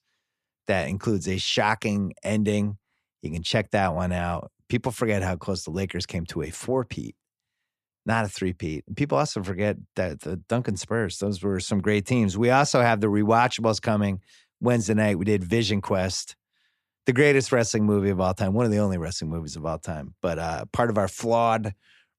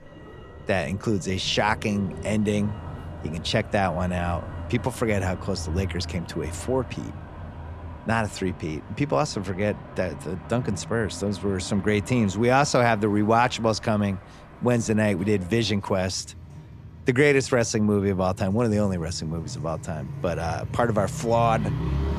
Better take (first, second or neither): first